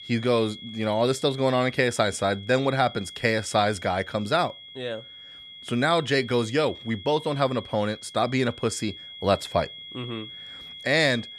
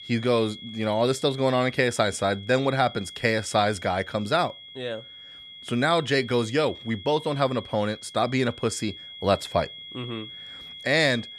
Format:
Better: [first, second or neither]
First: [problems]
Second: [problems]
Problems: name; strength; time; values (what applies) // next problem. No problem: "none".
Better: neither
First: high-pitched whine; noticeable; throughout; 3.5 kHz, 15 dB below the speech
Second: high-pitched whine; noticeable; throughout; 3.5 kHz, 15 dB below the speech